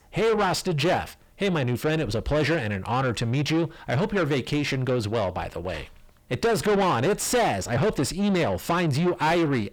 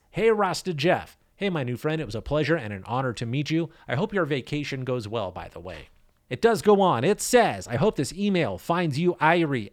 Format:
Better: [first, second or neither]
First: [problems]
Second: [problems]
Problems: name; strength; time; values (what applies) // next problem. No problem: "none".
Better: second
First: distortion; heavy; 5 dB below the speech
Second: none